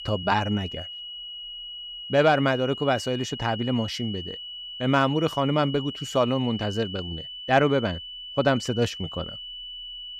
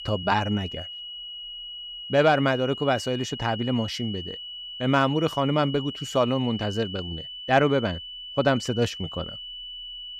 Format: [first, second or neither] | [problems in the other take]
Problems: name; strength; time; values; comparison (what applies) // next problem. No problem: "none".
neither | high-pitched whine; noticeable; throughout; 3 kHz, 10 dB below the speech; the same in both